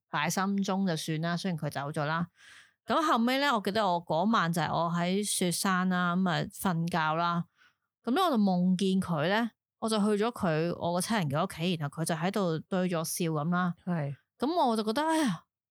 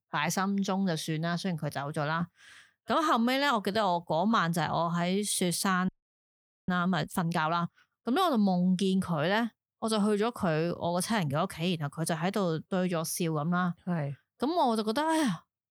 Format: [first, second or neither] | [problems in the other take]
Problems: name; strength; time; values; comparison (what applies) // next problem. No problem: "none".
first | audio freezing; at 6 s for 1 s